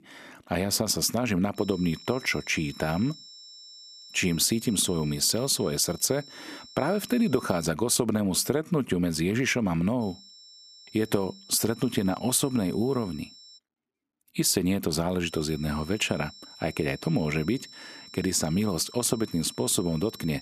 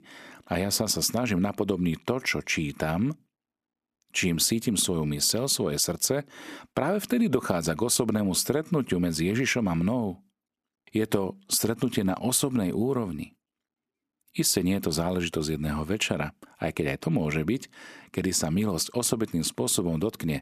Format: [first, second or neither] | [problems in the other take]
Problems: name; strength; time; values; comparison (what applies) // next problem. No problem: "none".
second | high-pitched whine; noticeable; from 1.5 to 7.5 s, from 10 to 14 s and from 15 s on; 5.5 kHz, 20 dB below the speech